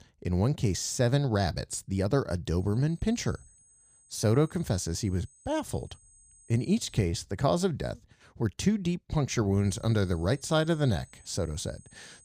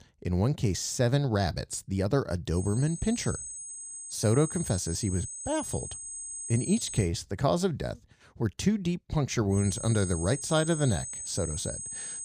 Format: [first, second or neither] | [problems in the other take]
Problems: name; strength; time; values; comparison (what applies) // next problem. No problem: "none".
first | high-pitched whine; loud; from 2.5 to 7 s and from 9.5 s on; 8 kHz, 7 dB below the speech; faint in the first